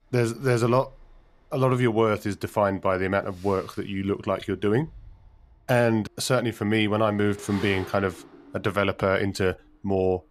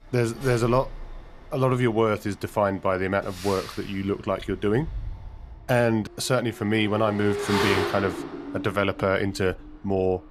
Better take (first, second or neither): first